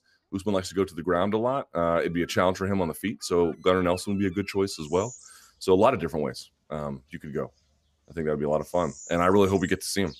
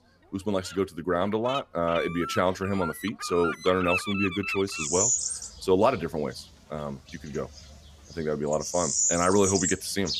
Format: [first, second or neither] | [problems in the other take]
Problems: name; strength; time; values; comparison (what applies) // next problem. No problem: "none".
first | animal sounds; loud; throughout; 1 dB below the speech; faint in the first